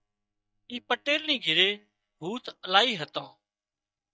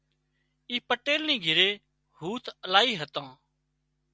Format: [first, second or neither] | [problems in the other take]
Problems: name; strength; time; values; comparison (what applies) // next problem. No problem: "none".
second | noise reduction (neural mask model DeepFilterNet 3)